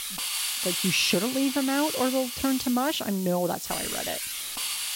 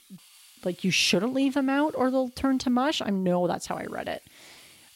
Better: second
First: hiss; loud; throughout; 3 dB below the speech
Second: hiss; faint; throughout; 30 dB below the speech

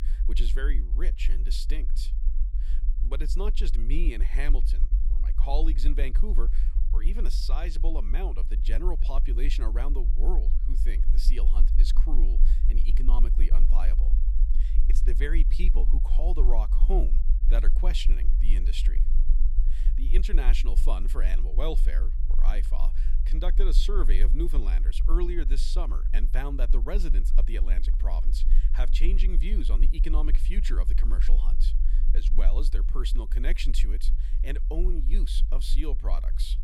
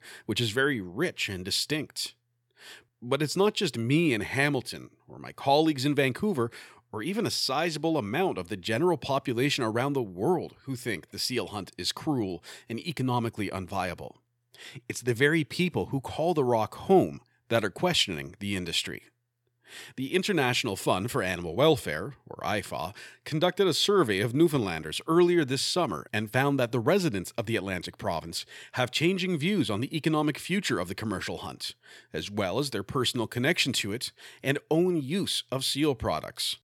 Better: second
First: low rumble; noticeable; throughout; 10 dB below the speech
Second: none

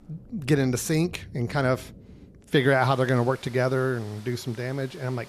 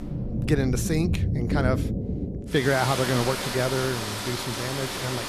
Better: first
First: rain or running water; faint; throughout; 20 dB below the speech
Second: rain or running water; loud; throughout; 2 dB below the speech

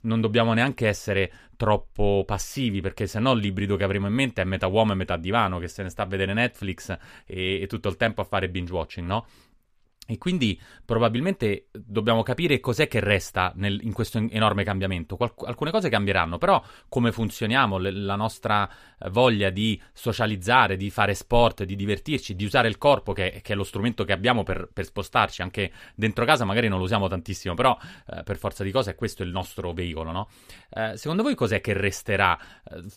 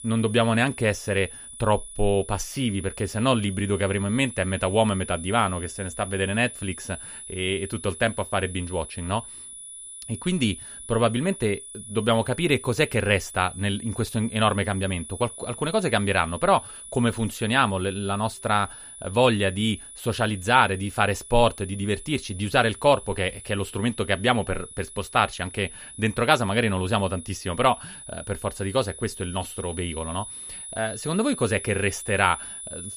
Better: first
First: none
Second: high-pitched whine; noticeable; throughout; 10 kHz, 15 dB below the speech

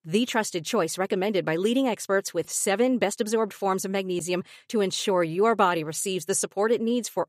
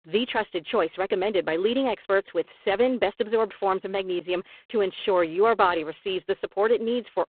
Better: first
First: none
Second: phone-call audio; poor line

